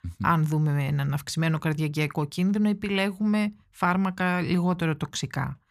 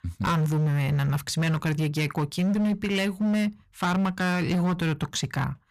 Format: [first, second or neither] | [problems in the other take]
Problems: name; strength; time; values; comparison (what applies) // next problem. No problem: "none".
first | distortion; slight; 21% of the sound clipped